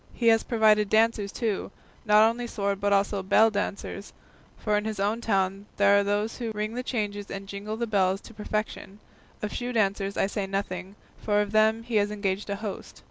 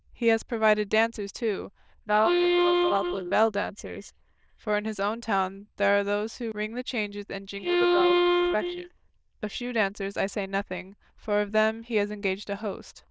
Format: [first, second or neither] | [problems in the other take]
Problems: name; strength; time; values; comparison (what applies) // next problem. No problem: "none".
first | noise reduction (neural diffusion model UNIVERSE++)